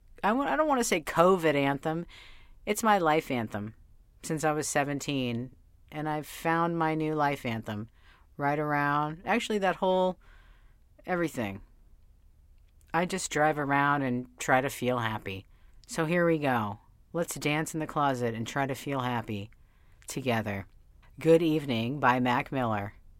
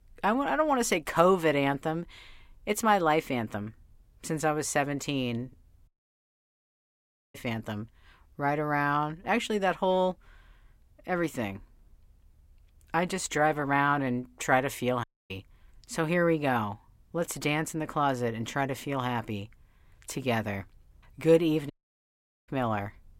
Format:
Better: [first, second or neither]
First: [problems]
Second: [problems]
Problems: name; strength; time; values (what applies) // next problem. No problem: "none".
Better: first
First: none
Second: audio cutting out; at 6 s for 1.5 s, at 15 s and at 22 s for 1 s